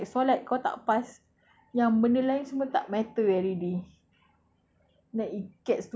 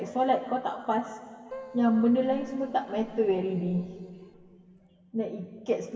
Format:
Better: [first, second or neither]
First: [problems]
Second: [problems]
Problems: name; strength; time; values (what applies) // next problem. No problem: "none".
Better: first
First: none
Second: background sound (Keyboard (musical)); 18 dB below the speech // room echo; dies away in 2.4 s